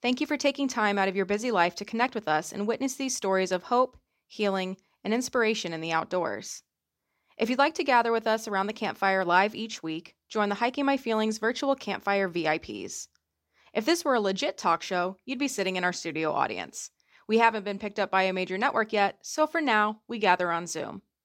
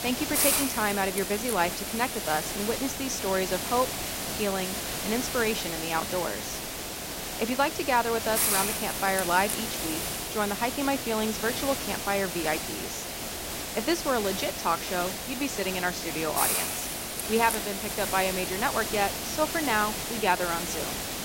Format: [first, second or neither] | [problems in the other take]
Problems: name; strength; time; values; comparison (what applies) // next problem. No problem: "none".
first | hiss; loud; throughout; 1 dB below the speech